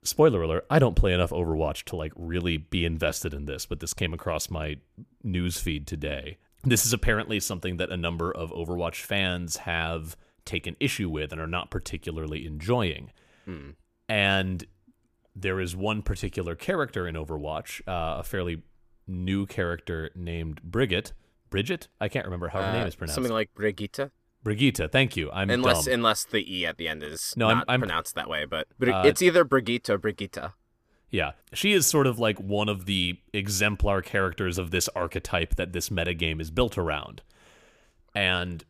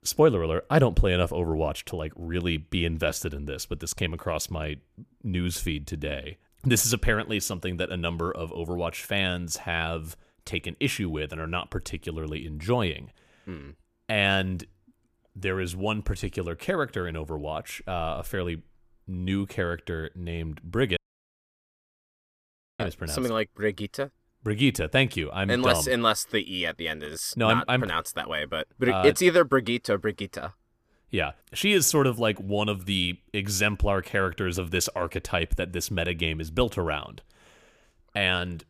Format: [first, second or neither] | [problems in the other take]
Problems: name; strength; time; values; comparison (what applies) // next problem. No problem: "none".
first | audio cutting out; at 21 s for 2 s